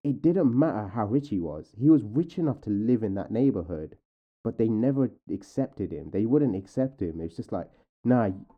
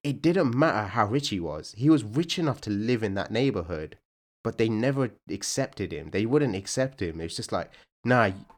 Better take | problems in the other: second | muffled; very; fading above 1.5 kHz

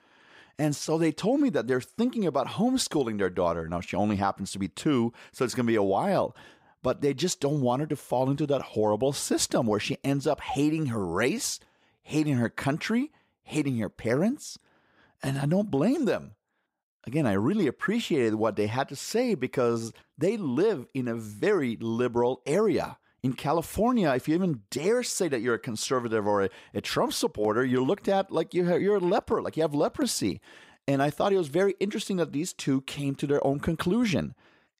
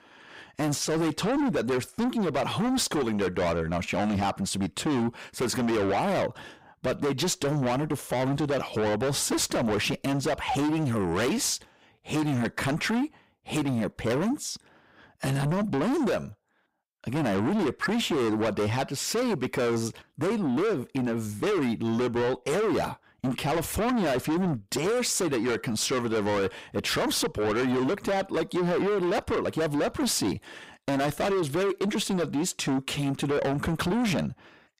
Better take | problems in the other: first | distortion; heavy; 6 dB below the speech

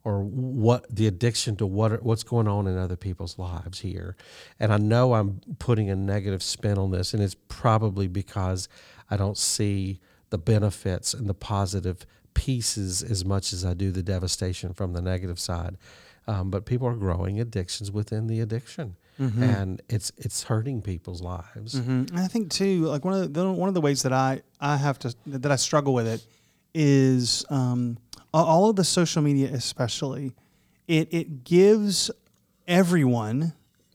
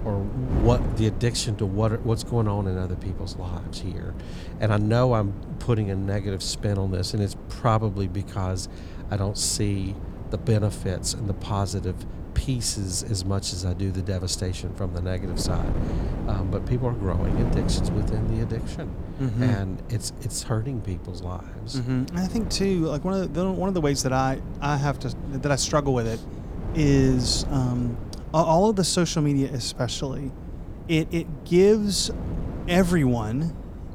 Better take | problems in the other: first | wind noise on the microphone; occasional gusts; 15 dB below the speech

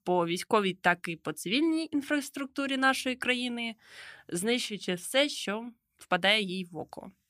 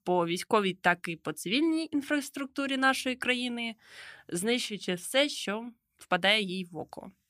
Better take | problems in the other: neither | none

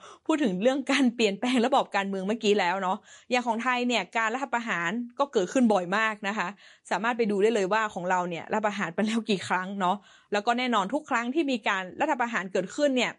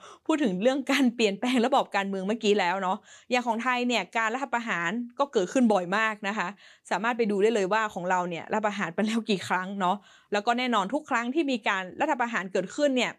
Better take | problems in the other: second | garbled, watery; slightly; nothing above 10.5 kHz

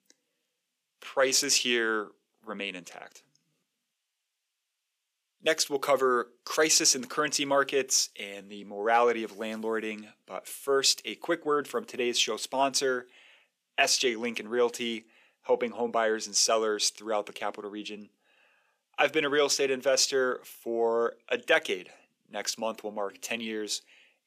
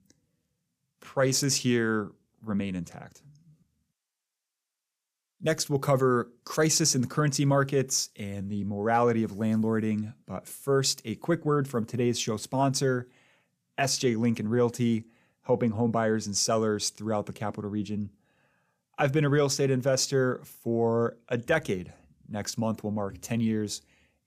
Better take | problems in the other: second | thin; somewhat; fading below 350 Hz

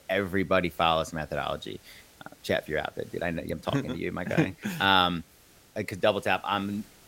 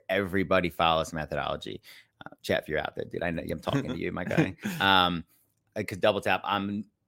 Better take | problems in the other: second | hiss; faint; throughout; 25 dB below the speech

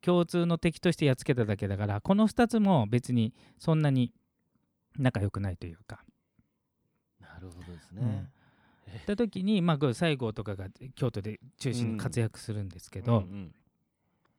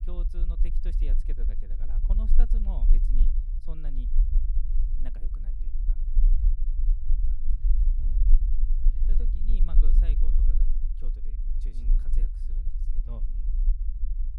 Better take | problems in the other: first | low rumble; loud; throughout; 2 dB below the speech

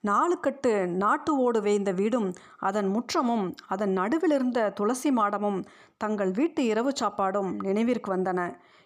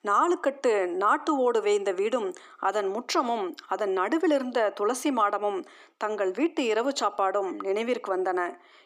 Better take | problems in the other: first | thin; somewhat; fading below 300 Hz

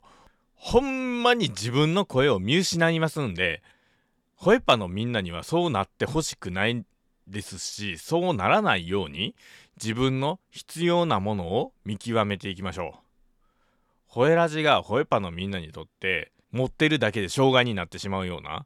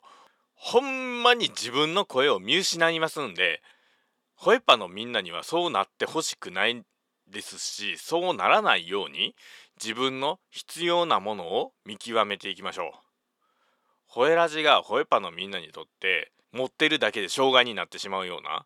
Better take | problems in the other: first | thin; somewhat; fading below 350 Hz

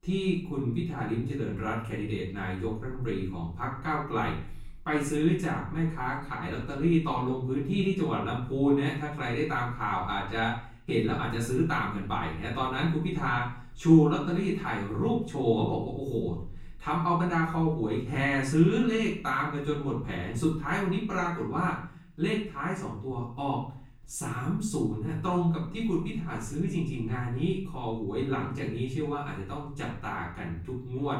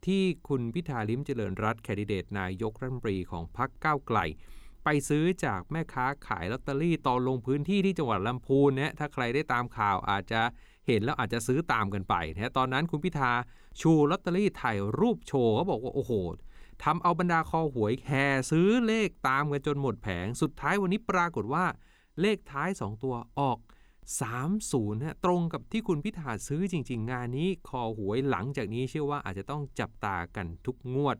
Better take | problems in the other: second | off-mic speech; far // room echo; noticeable; dies away in 0.5 s

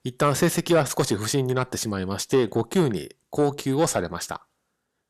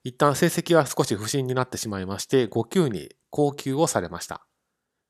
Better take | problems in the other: second | distortion; slight; 10 dB below the speech

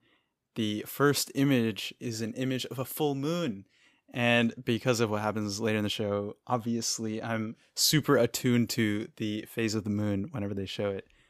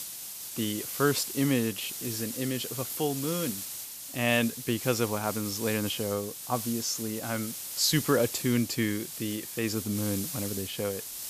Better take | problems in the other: first | hiss; loud; throughout; 5 dB below the speech

